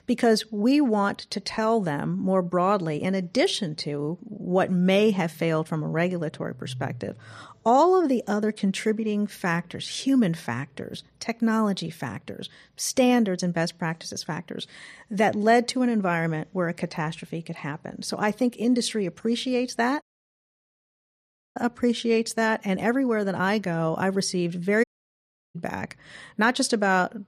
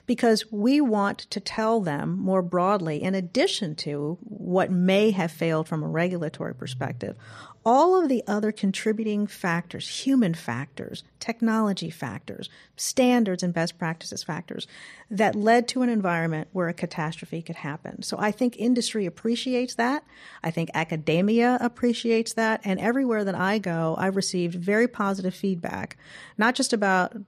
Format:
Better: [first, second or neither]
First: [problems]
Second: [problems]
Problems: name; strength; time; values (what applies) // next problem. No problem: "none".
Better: second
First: audio cutting out; at 20 s for 1.5 s and at 25 s for 0.5 s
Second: none